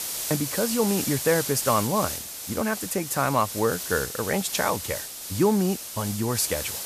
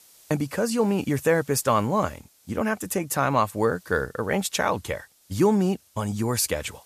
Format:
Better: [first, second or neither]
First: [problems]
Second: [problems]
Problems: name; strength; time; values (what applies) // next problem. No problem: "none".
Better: second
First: hiss; loud; throughout; 5 dB below the speech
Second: hiss; faint; throughout; 30 dB below the speech